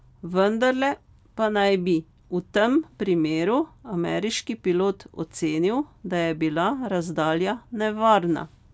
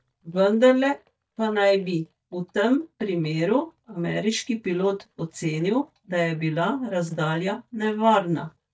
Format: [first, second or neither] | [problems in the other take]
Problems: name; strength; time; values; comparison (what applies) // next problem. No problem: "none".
first | noise reduction (neural mask model DeepFilterNet 3)